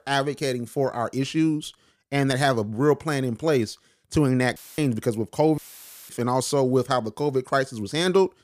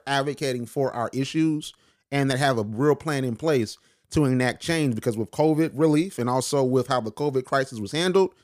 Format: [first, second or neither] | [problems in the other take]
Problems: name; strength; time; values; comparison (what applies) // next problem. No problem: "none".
second | audio cutting out; filled with static; at 4.5 s and at 5.5 s for 0.5 s